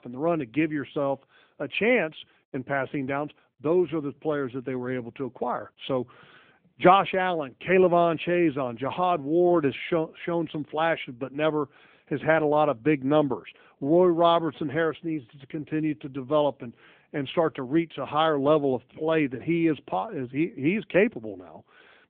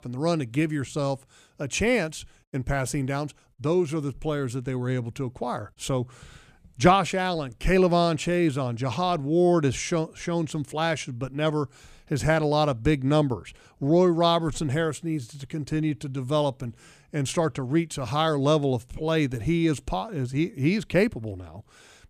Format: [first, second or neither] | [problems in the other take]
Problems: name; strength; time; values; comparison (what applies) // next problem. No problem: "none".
second | phone-call audio; nothing above 3.5 kHz